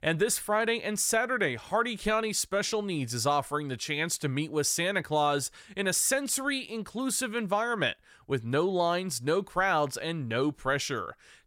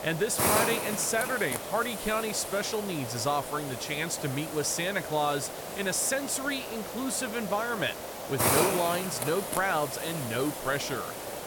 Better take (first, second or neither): first